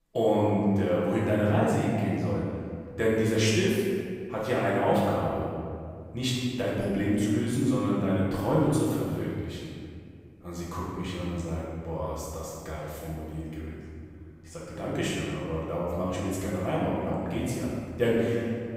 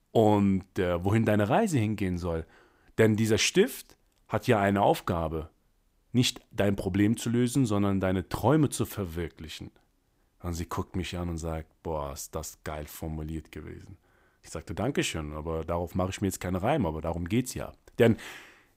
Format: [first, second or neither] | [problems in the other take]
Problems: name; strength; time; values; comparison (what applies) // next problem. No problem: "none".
second | room echo; strong; dies away in 1.9 s // off-mic speech; far